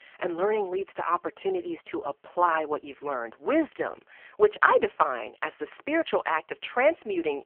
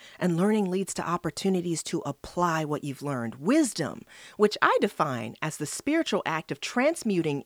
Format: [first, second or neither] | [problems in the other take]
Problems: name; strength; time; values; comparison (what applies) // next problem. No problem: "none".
second | phone-call audio; poor line